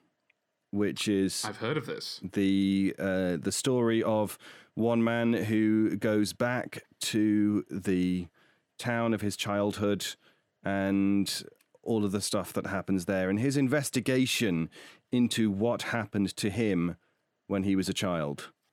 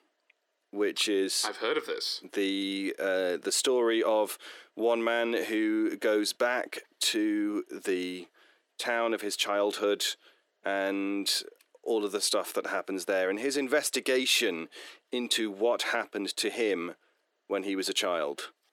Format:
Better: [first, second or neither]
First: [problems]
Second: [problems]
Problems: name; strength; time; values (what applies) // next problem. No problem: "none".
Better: first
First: none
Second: thin; somewhat; fading below 350 Hz